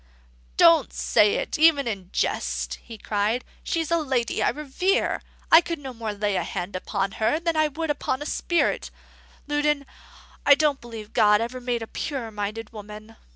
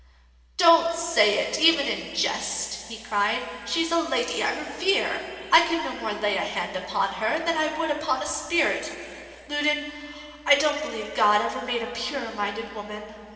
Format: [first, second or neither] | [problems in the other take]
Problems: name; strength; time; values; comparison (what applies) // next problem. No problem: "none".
first | room echo; dies away in 2.5 s